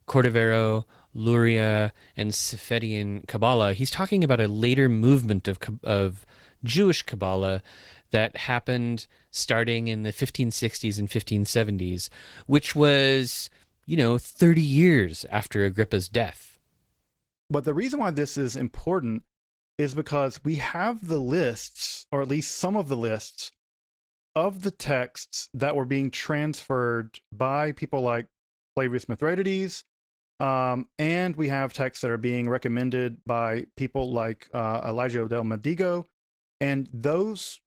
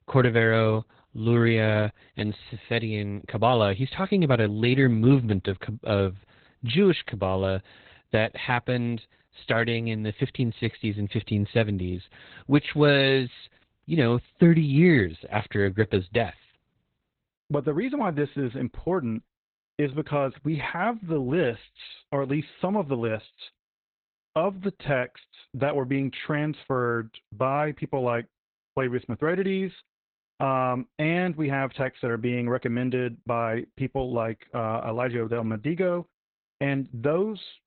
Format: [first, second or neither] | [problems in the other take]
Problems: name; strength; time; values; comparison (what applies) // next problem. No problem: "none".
first | garbled, watery; badly; nothing above 4 kHz; slightly in the first